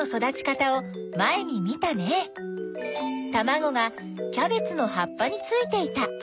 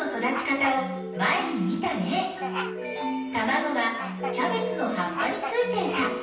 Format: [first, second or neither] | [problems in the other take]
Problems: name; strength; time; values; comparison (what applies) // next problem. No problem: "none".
first | background sound (Bird vocalization, bird call, bird song); 11 dB below the speech // room echo; dies away in 0.9 s